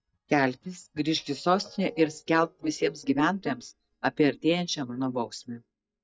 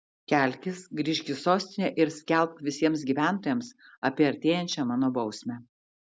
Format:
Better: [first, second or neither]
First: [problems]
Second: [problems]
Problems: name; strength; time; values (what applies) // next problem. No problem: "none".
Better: second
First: noise reduction (neural mask model DeepFilterNet 3)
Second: none